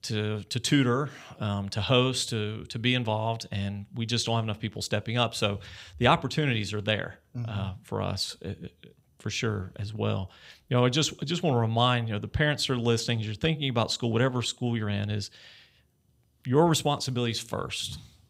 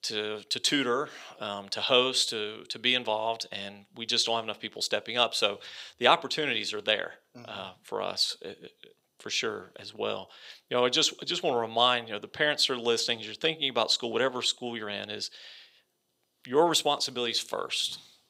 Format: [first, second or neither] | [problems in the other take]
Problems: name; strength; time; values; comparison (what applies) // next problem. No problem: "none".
first | thin; somewhat; fading below 450 Hz